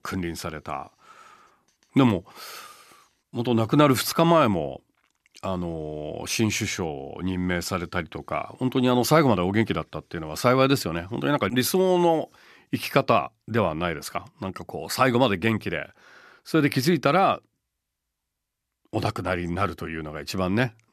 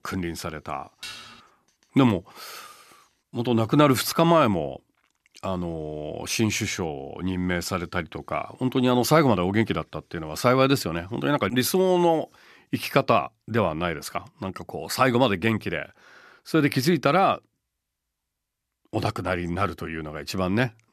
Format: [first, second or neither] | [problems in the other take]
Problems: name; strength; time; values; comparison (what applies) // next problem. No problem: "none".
first | clattering dishes; faint; at 1 s; peak 15 dB below the speech